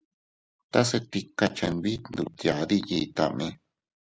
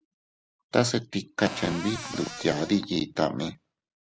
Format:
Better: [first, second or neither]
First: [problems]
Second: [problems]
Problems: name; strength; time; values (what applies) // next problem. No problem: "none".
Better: first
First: none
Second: background sound (Cupboard open or close); 10 dB below the speech